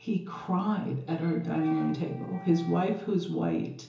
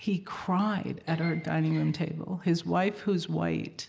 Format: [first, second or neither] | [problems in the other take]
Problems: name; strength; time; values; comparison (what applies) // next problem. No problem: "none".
second | background sound (Wind instrument, woodwind instrument); 17 dB below the speech // room echo; dies away in 0.7 s